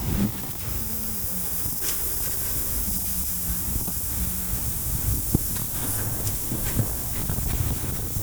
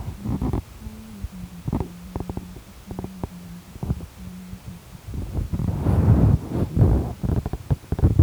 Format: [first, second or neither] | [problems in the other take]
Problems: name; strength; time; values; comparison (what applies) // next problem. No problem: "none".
second | noise reduction (neural mask model DeepFilterNet 3)